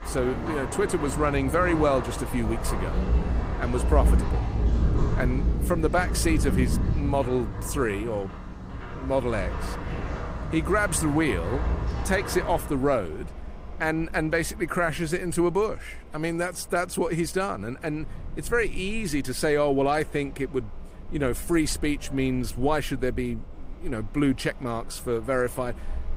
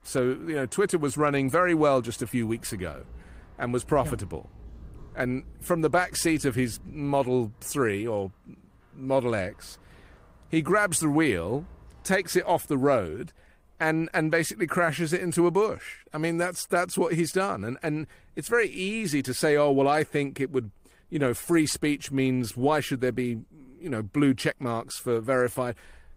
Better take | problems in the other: second | rain or running water; loud; throughout; 4 dB below the speech; faint in the second

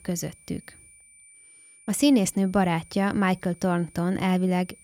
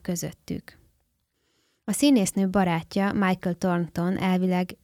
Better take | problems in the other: second | high-pitched whine; faint; throughout; 9 kHz, 25 dB below the speech

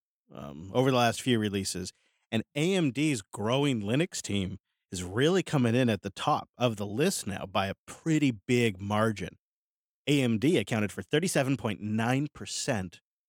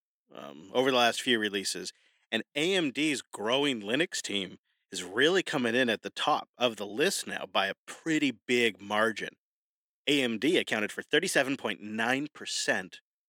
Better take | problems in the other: first | thin; very slightly; fading below 350 Hz

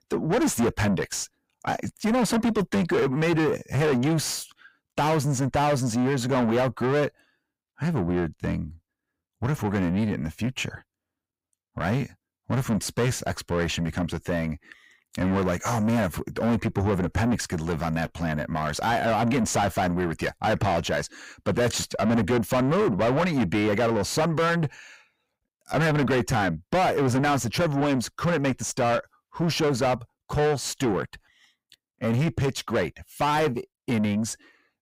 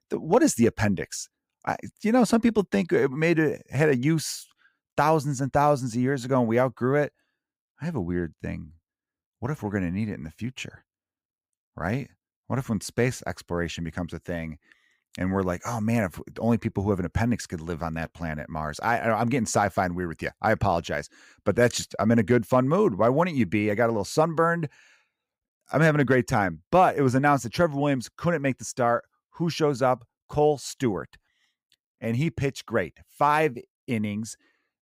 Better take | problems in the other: second | distortion; heavy; 5 dB below the speech

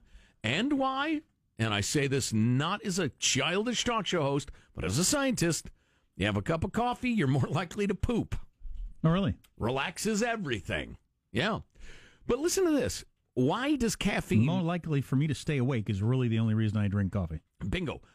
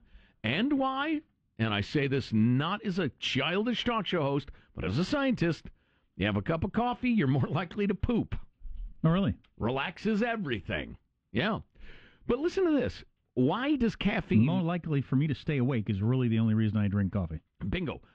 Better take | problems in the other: first | muffled; slightly; fading above 4 kHz

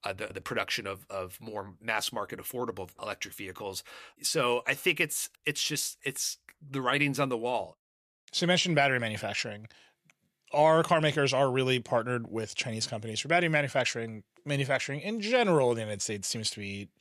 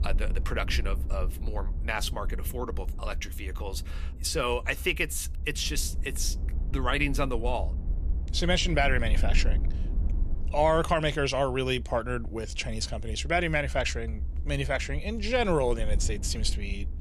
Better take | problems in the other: first | low rumble; faint; throughout; 20 dB below the speech

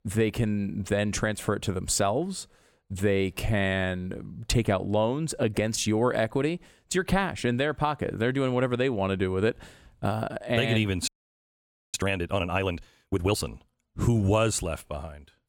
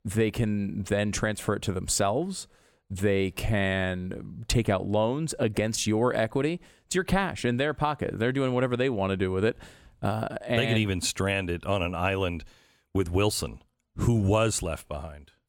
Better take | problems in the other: second | audio freezing; at 11 s for 1 s

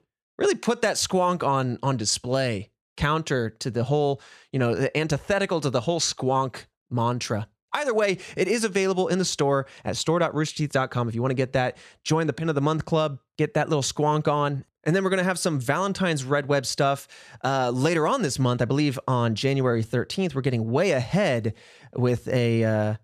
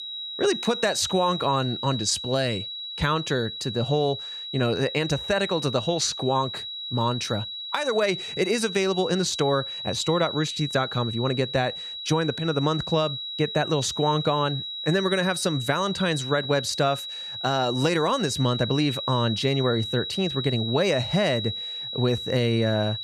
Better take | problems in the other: first | high-pitched whine; loud; throughout; 4 kHz, 6 dB below the speech

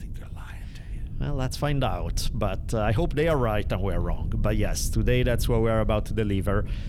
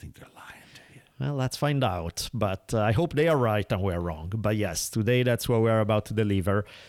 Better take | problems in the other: second | low rumble; faint; throughout; 20 dB below the speech

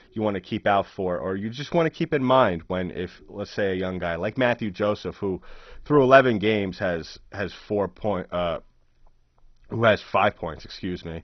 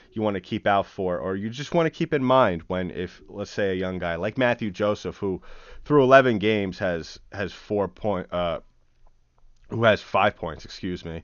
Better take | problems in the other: second | garbled, watery; badly; nothing above 6 kHz; slightly in the second

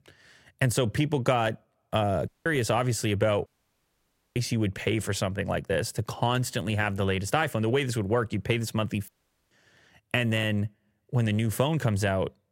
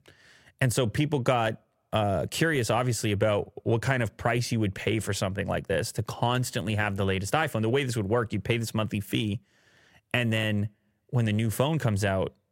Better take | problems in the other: second | audio cutting out; at 2.5 s, at 3.5 s for 1 s and at 9 s

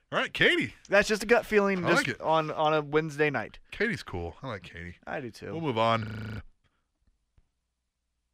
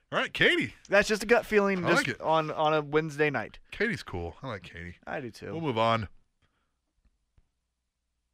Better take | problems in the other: second | audio freezing; at 6 s

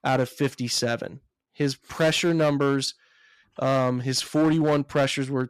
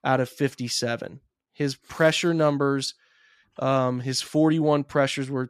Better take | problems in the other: second | distortion; slight; 8% of the sound clipped

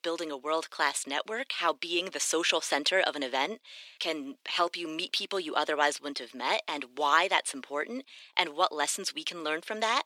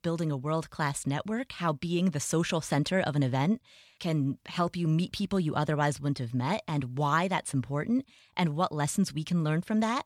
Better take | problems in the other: second | thin; very; fading below 350 Hz

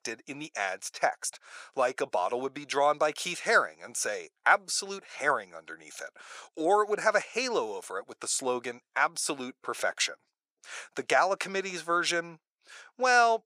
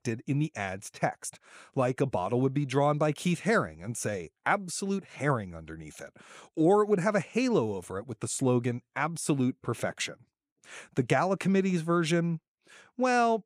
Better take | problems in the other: second | thin; very; fading below 650 Hz

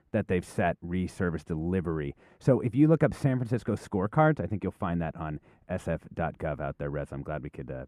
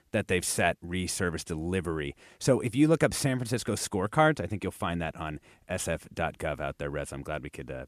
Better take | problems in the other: second | muffled; very; fading above 2.5 kHz

